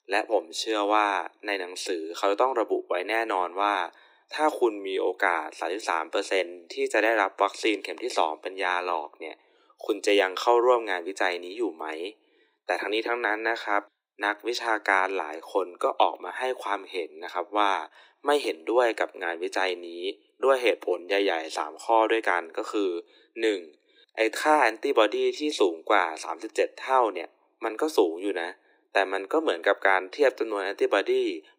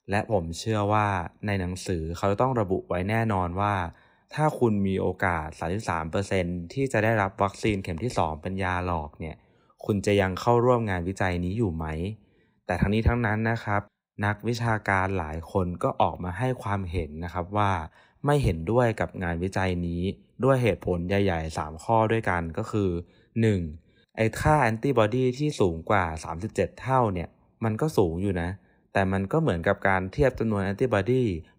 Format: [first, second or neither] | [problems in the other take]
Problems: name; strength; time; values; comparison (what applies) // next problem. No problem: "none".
second | thin; very; fading below 300 Hz